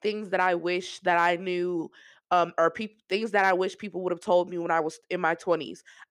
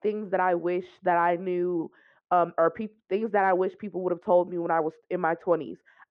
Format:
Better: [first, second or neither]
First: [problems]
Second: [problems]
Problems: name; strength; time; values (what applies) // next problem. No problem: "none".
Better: first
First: none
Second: muffled; very; fading above 4 kHz